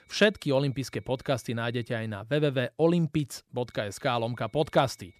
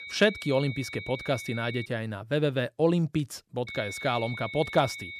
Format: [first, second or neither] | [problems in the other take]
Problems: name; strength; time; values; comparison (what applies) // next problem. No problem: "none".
first | high-pitched whine; loud; until 2 s and from 3.5 s on; 2 kHz, 10 dB below the speech; faint in the first